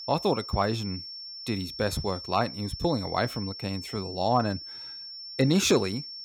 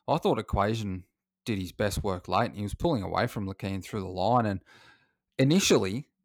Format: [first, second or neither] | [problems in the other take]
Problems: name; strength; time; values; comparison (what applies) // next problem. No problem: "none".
second | high-pitched whine; loud; throughout; 5.5 kHz, 10 dB below the speech